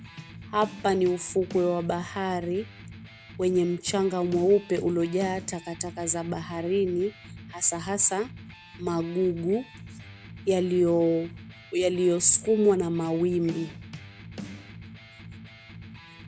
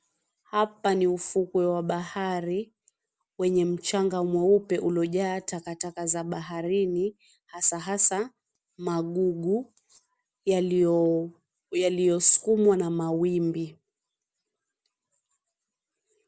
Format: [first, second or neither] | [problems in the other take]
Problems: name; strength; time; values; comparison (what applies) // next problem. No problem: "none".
second | background sound (Bass drum / Snare drum + Electric guitar); 16 dB below the speech